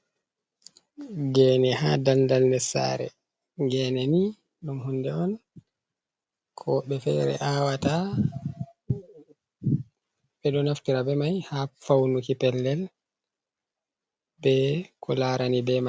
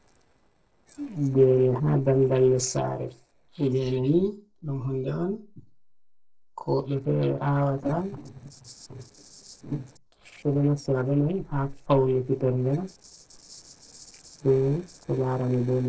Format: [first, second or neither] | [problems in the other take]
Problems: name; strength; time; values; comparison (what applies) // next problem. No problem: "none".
first | noise reduction (neural separator model SepFormer DNS4)